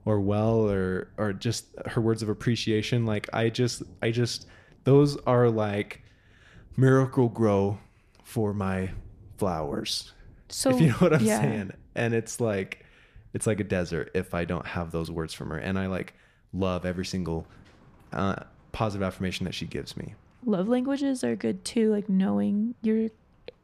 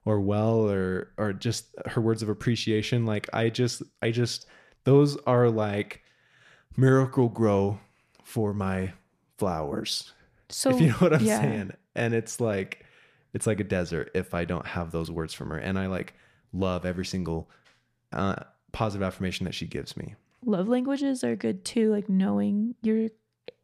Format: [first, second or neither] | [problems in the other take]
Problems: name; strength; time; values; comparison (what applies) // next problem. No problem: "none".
second | rain or running water; faint; throughout; 30 dB below the speech